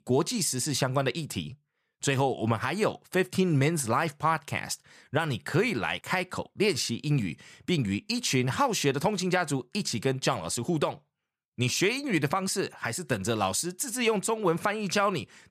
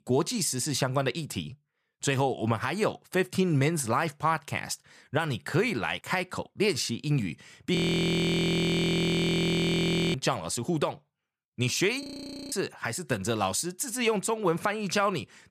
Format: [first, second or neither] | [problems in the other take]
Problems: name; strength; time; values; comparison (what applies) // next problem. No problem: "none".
first | audio freezing; at 8 s for 2.5 s and at 12 s